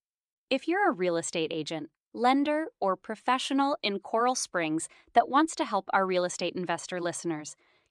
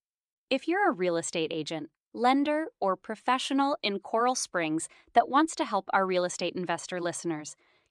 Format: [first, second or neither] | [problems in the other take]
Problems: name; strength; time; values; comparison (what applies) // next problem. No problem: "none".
neither | none